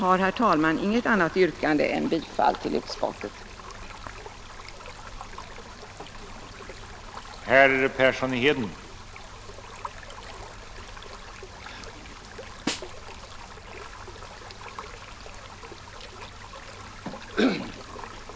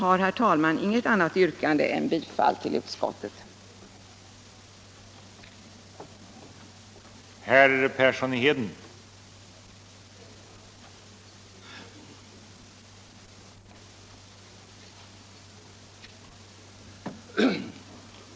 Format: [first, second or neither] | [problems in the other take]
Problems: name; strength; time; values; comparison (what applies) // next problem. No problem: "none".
second | background sound (Snare drum + Stream); 12 dB below the speech